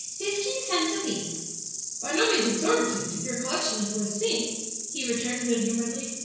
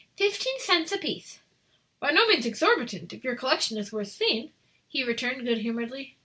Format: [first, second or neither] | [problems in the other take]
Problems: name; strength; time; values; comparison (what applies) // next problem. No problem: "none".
second | background sound (Insect); 5 dB below the speech // room echo; dies away in 1 s